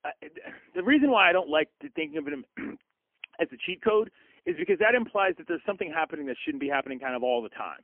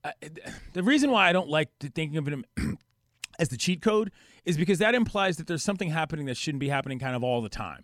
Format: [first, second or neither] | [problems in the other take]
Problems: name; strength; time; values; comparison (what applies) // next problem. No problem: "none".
second | phone-call audio; poor line; nothing above 3 kHz